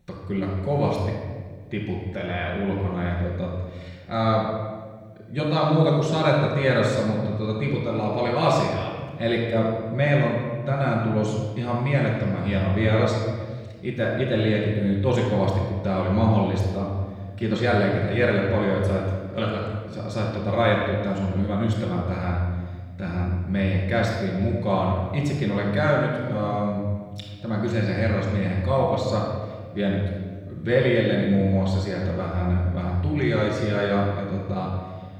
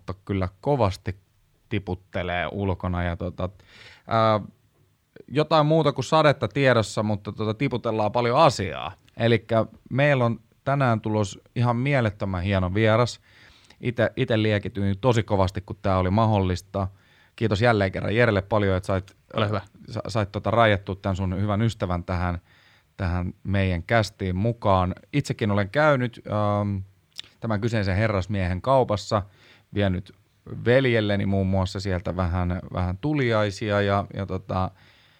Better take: second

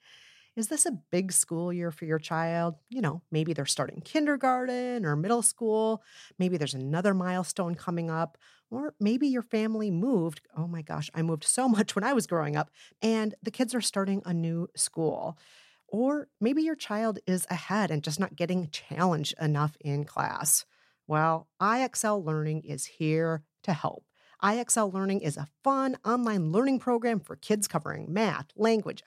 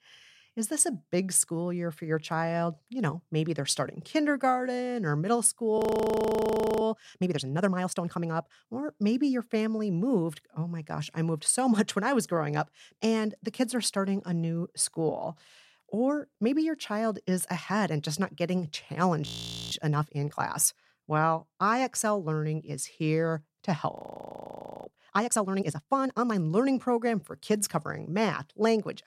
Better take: first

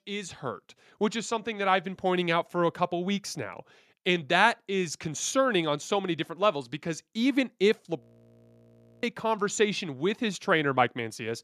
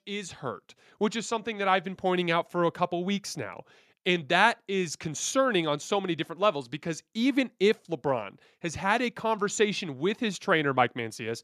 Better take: second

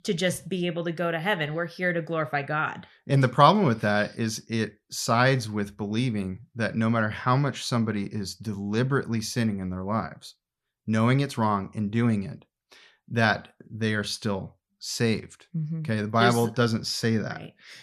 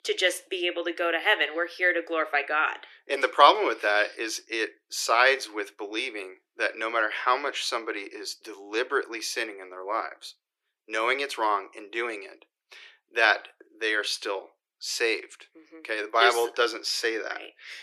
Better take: first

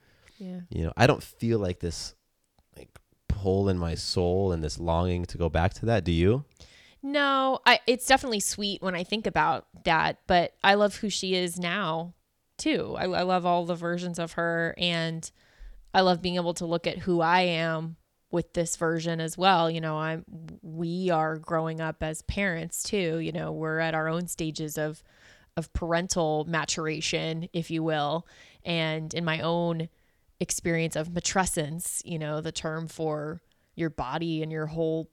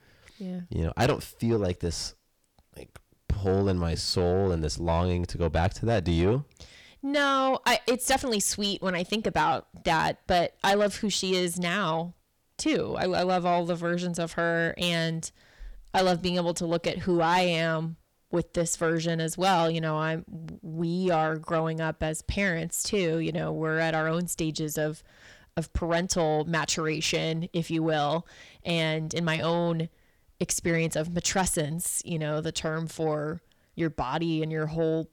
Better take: first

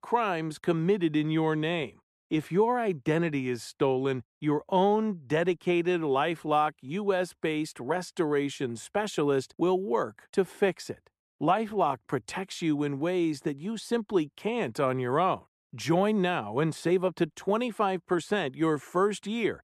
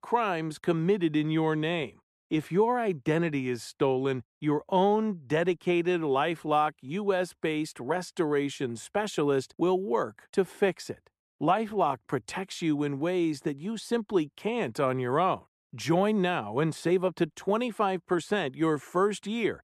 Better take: neither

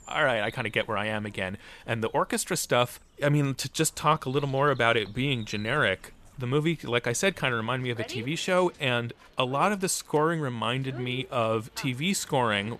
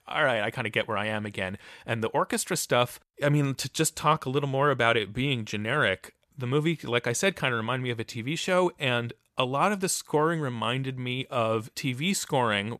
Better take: second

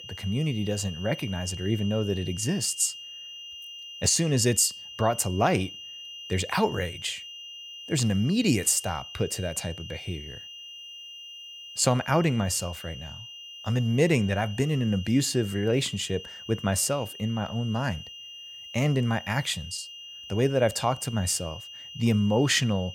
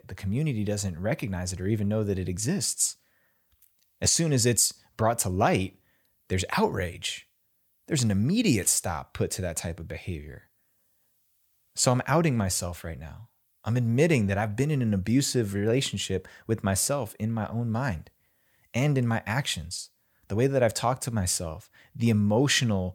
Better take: second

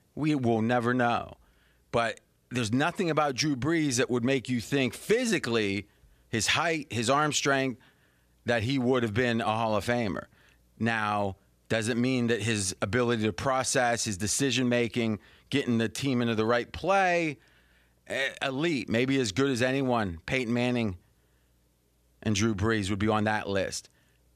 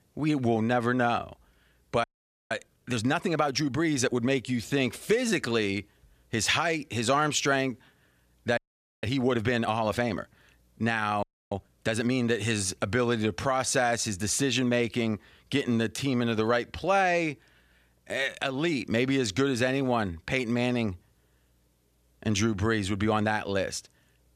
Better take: first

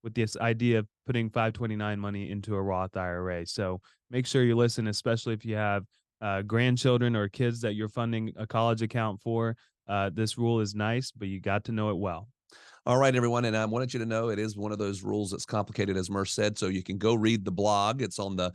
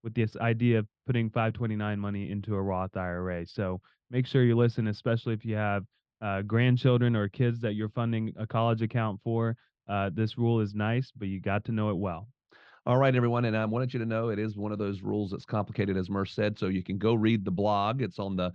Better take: first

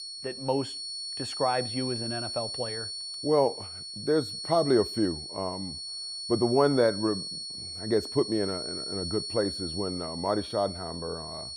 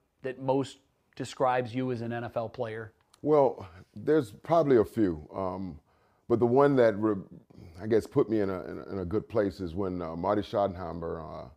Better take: second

